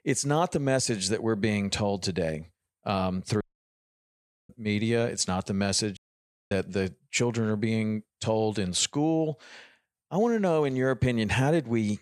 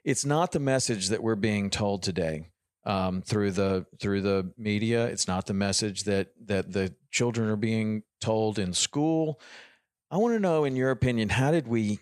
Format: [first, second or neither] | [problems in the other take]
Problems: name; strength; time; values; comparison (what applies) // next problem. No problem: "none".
second | audio cutting out; at 3.5 s for 1 s and at 6 s for 0.5 s